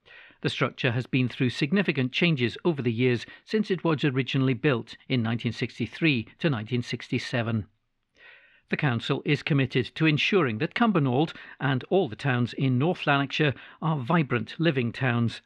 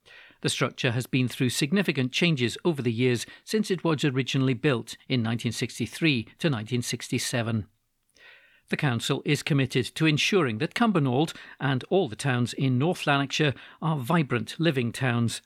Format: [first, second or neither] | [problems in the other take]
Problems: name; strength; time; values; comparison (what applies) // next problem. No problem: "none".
second | muffled; slightly; fading above 3 kHz